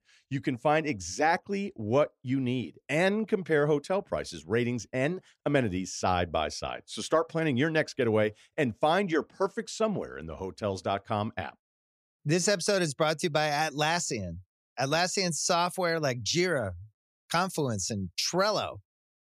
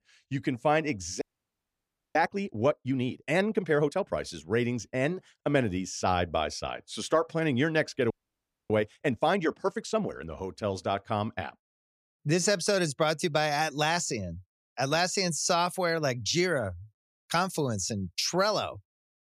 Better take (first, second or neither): first